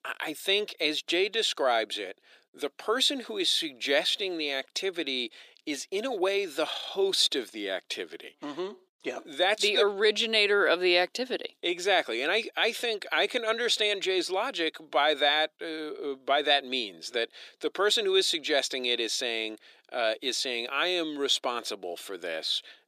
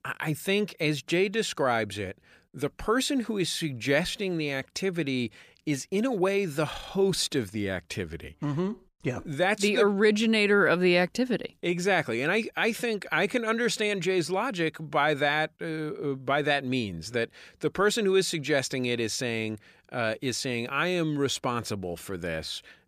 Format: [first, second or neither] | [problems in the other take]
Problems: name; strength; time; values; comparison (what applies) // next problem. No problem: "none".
second | thin; somewhat; fading below 350 Hz